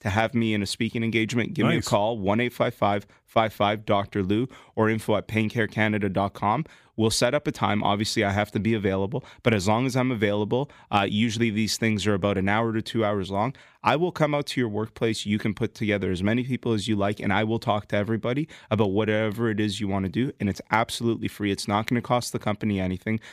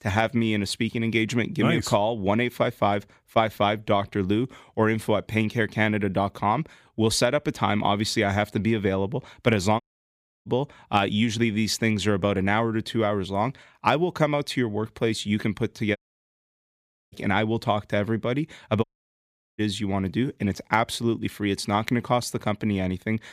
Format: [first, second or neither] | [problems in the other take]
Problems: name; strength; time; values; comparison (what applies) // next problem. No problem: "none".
first | audio cutting out; at 10 s for 0.5 s, at 16 s for 1 s and at 19 s for 0.5 s